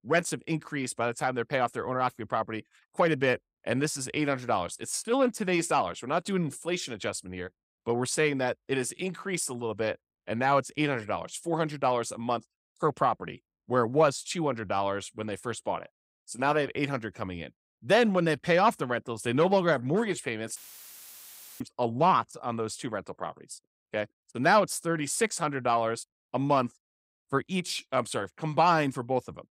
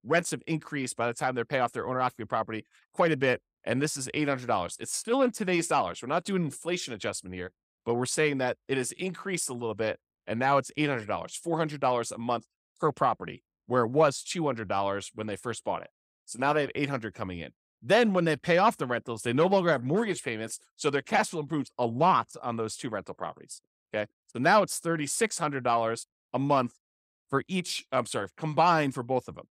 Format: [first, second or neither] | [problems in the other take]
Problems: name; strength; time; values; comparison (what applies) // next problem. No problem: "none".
second | audio cutting out; filled with static; at 21 s for 1 s